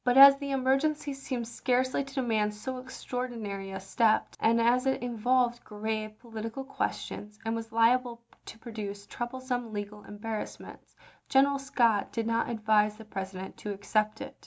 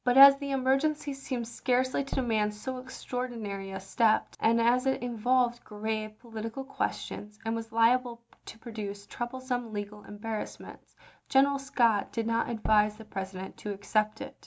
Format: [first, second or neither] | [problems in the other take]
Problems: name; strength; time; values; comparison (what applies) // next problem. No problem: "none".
first | background sound (Tap / Bass drum); 11 dB below the speech